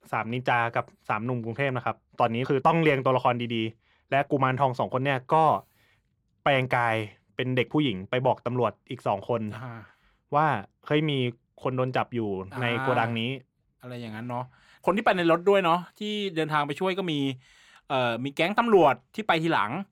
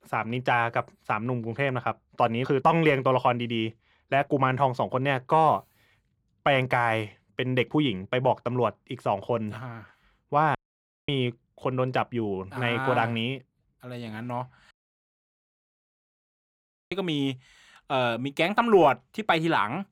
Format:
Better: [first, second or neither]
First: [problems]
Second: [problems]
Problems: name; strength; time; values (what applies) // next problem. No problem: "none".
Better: first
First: none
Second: audio cutting out; at 11 s for 0.5 s and at 15 s for 2 s